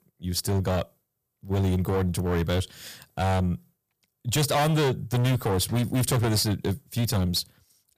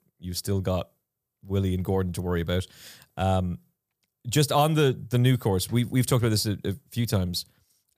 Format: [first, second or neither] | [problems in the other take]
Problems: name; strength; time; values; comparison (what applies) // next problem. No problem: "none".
second | distortion; heavy; 15% of the sound clipped